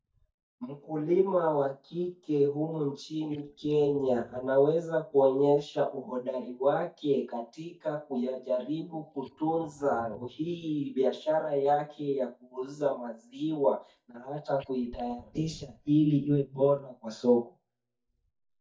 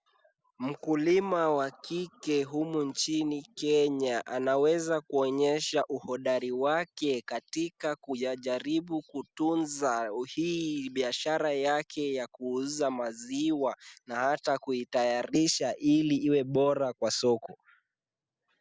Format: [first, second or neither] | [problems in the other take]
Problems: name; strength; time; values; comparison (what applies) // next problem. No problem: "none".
second | noise reduction (neural mask model DeepFilterNet 3)